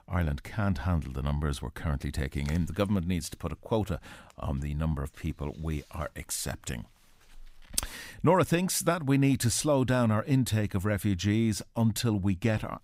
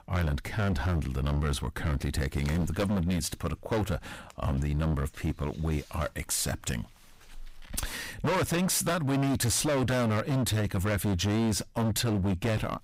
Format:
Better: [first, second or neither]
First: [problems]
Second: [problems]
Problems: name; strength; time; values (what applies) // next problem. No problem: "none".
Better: first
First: none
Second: distortion; heavy; 22% of the sound clipped